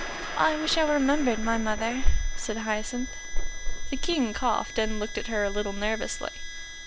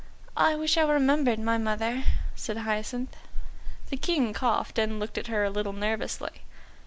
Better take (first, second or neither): second